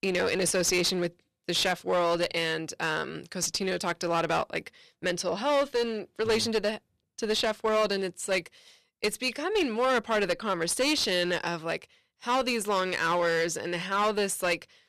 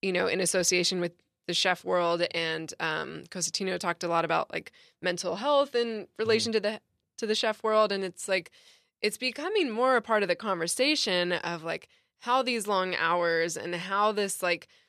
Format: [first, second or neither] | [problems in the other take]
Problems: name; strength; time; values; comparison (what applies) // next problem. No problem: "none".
second | distortion; slight; 10% of the sound clipped